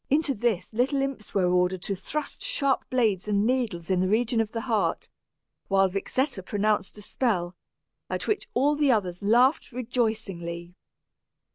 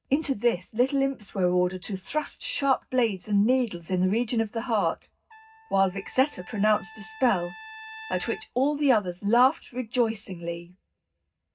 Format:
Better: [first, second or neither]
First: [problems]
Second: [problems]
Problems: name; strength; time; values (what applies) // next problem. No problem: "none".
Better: first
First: none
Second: background sound (Trumpet); 18 dB below the speech // room echo; dies away in 0.4 s